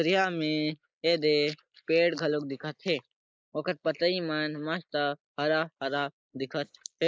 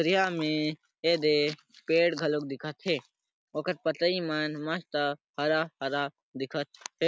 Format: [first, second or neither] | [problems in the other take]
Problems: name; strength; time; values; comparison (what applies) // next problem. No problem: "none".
second | noise reduction (neural mask model Resemble Enhance denoiser)